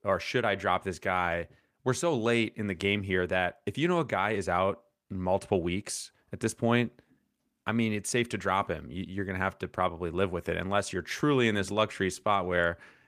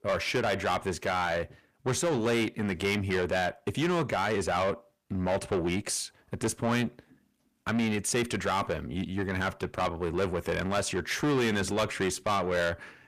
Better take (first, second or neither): first